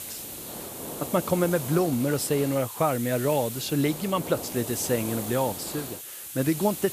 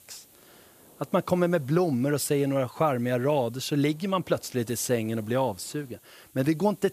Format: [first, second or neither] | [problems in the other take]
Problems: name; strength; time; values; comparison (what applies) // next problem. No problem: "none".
second | hiss; loud; throughout; 8 dB below the speech; faint in the second